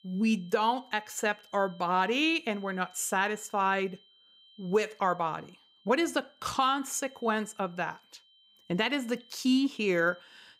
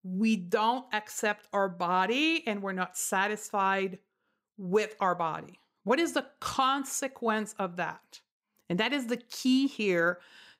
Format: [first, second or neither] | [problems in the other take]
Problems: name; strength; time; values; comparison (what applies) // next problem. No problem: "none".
second | high-pitched whine; faint; throughout; 3 kHz, 30 dB below the speech